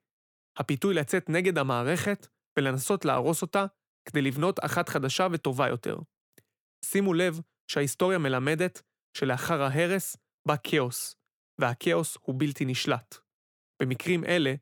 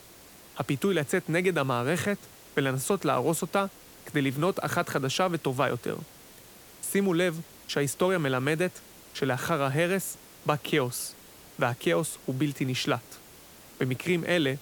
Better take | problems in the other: first | hiss; faint; throughout; 20 dB below the speech

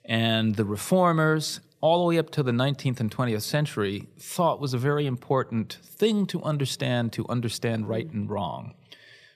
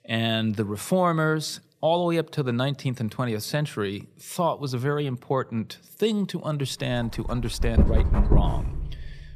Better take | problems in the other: first | dog barking; loud; from 7.5 s on; peak 5 dB above the speech

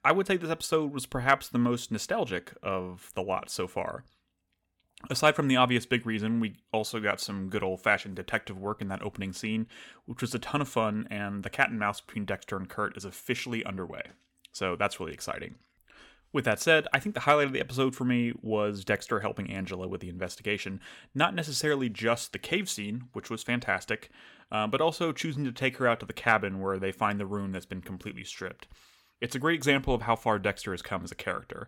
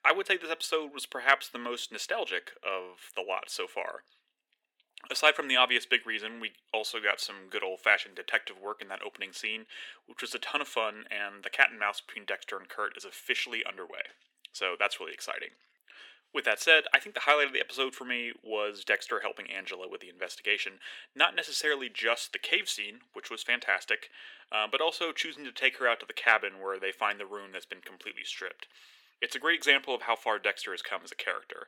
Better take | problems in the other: first | thin; very; fading below 350 Hz

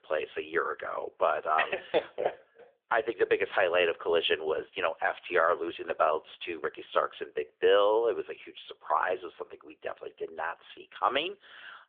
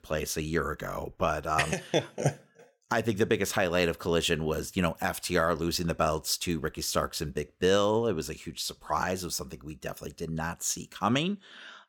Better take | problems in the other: second | phone-call audio; nothing above 3.5 kHz

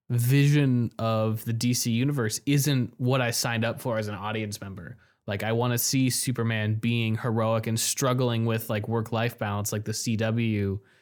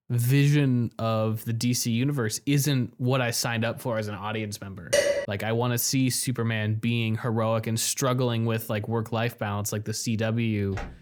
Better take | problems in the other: first | clattering dishes; loud; at 5 s; peak 3 dB above the speech // footsteps; very faint; at 10 s; peak 15 dB below the speech

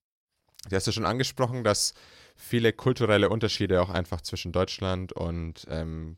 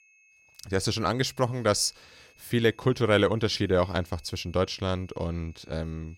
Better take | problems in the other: first | high-pitched whine; faint; throughout; 2.5 kHz, 30 dB below the speech

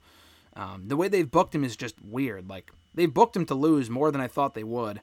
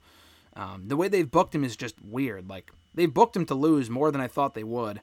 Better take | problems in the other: neither | none

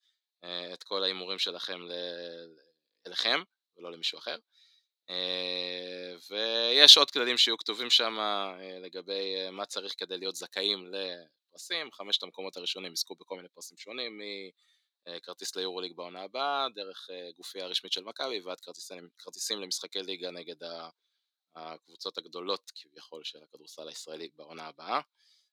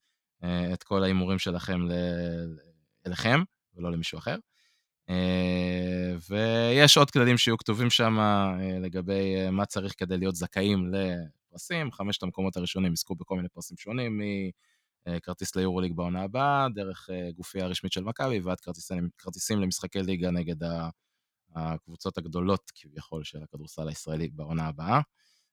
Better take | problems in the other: second | thin; very; fading below 350 Hz

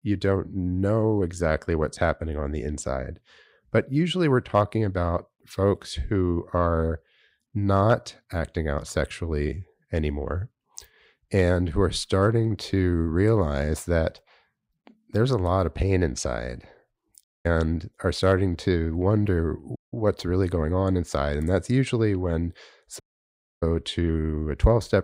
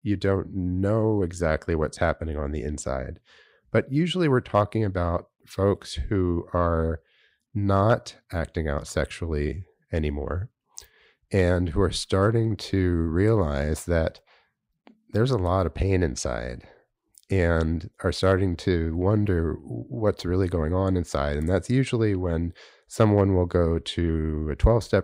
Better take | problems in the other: second | audio cutting out; at 17 s, at 20 s and at 23 s for 0.5 s

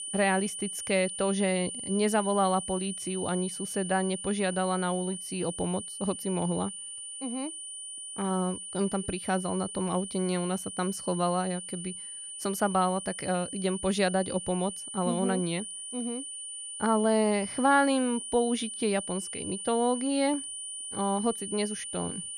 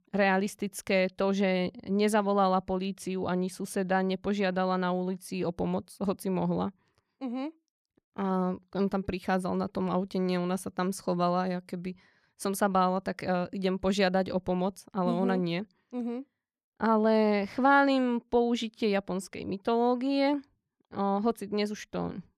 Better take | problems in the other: second | high-pitched whine; loud; throughout; 9.5 kHz, 7 dB below the speech

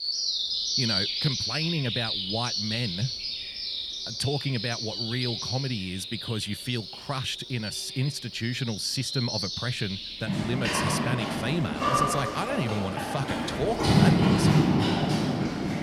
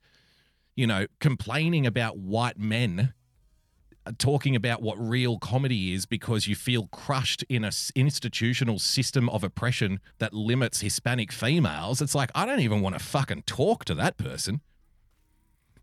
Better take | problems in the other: second | animal sounds; very loud; throughout; 3 dB above the speech

